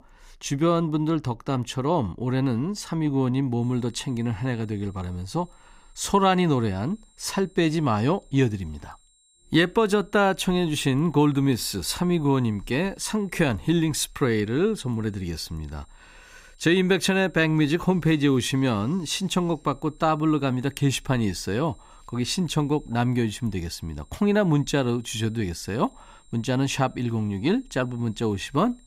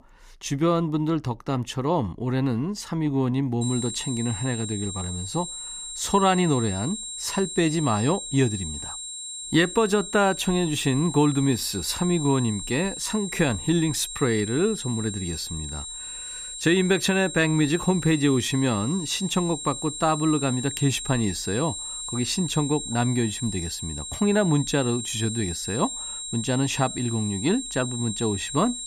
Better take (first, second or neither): first